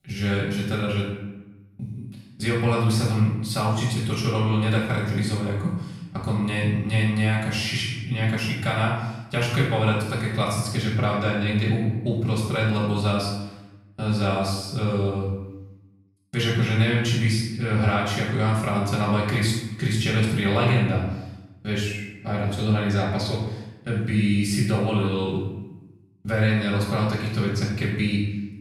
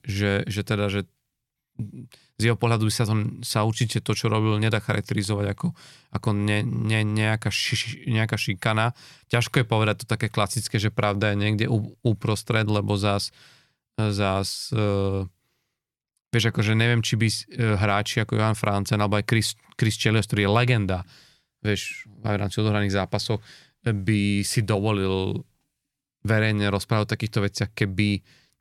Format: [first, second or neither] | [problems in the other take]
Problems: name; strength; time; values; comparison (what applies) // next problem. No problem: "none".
second | off-mic speech; far // room echo; noticeable; dies away in 0.9 s